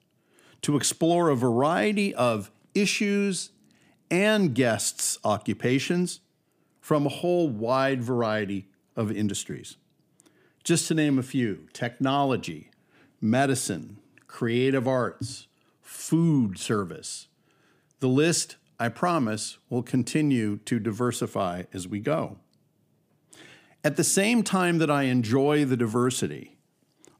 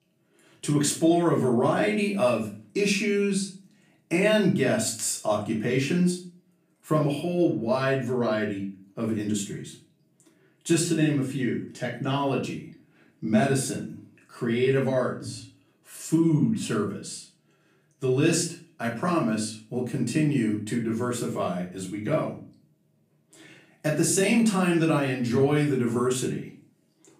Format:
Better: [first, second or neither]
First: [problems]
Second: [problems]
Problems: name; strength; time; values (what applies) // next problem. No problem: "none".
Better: first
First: none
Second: room echo; slight; dies away in 0.3 s // off-mic speech; far